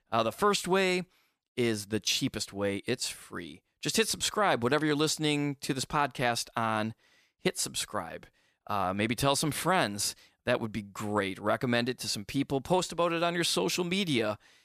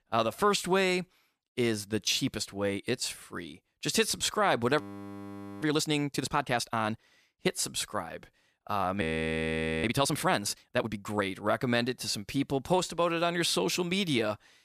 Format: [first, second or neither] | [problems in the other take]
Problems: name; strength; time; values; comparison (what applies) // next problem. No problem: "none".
first | audio freezing; at 5 s for 1 s and at 9 s for 1 s